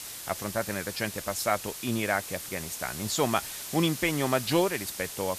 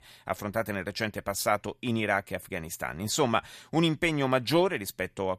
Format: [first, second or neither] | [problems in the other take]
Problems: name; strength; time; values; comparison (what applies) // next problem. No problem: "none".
second | hiss; loud; throughout; 7 dB below the speech